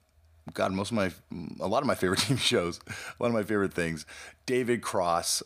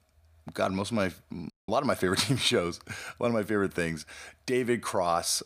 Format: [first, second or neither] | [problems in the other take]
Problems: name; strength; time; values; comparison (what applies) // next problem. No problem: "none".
first | audio cutting out; at 1.5 s